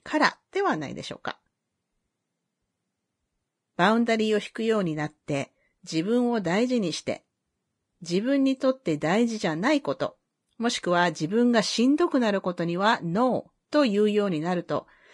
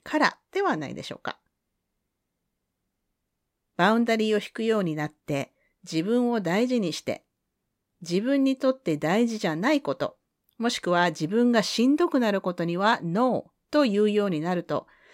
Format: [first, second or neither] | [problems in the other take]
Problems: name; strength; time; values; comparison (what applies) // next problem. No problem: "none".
second | garbled, watery; slightly; nothing above 10.5 kHz